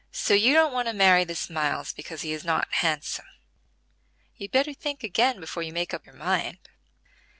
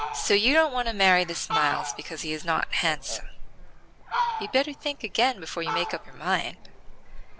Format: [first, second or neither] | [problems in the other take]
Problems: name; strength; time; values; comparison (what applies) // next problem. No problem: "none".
first | background sound (Fowl); 6 dB below the speech